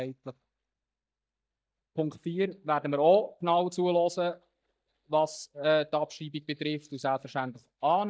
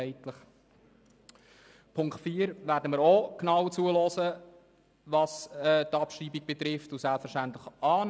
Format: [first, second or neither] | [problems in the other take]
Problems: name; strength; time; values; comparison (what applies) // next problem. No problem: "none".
second | noise reduction (neural mask model DeepFilterNet 3)